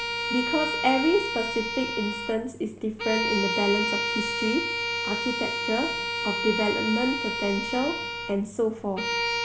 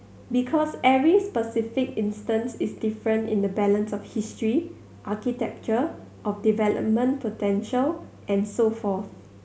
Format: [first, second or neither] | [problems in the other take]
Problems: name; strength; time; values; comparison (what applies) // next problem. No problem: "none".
second | background sound (Bowed string instrument); 1 dB below the speech